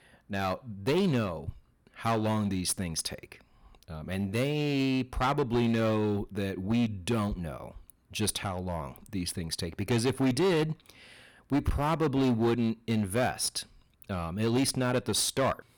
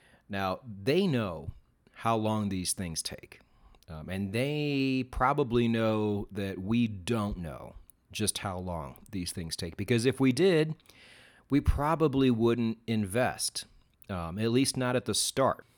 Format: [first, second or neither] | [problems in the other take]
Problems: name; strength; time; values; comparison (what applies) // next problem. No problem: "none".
second | distortion; slight; 8% of the sound clipped